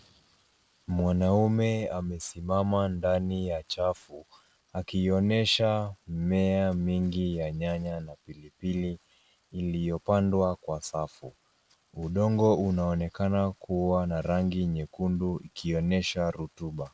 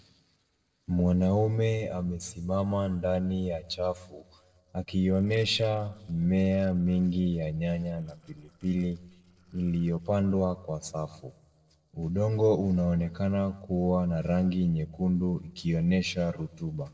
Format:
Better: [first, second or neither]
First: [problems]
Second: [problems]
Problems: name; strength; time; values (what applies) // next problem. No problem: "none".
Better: first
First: none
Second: noise reduction (neural separator model SepFormer DNS4)